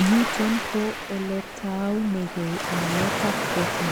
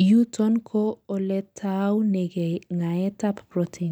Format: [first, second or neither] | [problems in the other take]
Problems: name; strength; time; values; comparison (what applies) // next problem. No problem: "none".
second | background sound (Waves, surf); 3 dB below the speech